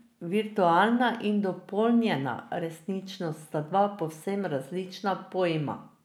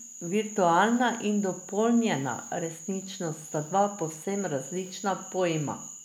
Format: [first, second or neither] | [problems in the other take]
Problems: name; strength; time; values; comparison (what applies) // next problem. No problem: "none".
first | background sound (Frog); 15 dB below the speech